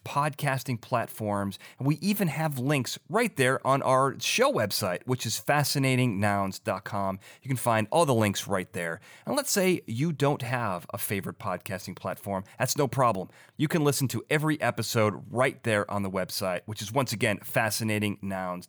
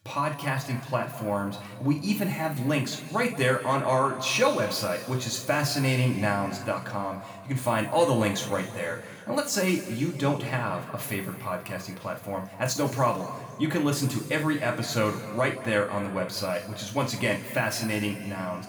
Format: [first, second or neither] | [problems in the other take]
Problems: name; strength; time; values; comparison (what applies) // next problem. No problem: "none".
first | room echo; noticeable; dies away in 2.1 s // off-mic speech; somewhat distant